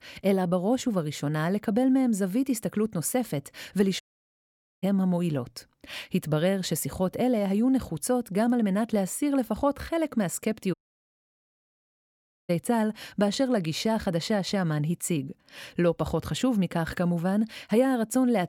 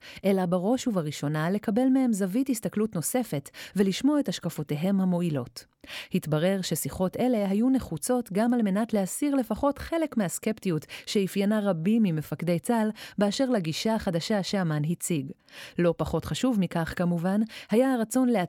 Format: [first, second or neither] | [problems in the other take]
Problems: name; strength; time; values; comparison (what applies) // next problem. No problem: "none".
second | audio cutting out; at 4 s for 1 s and at 11 s for 2 s